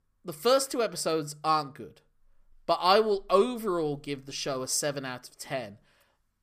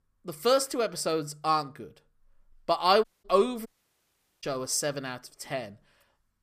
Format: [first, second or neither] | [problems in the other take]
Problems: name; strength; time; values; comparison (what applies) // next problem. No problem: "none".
first | audio cutting out; at 3 s and at 3.5 s for 1 s